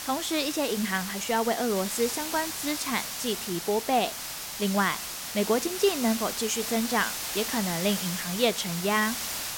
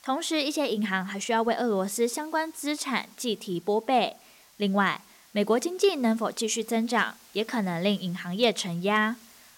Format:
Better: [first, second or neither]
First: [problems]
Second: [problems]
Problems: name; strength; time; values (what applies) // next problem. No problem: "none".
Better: second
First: hiss; loud; throughout; 4 dB below the speech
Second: hiss; faint; throughout; 25 dB below the speech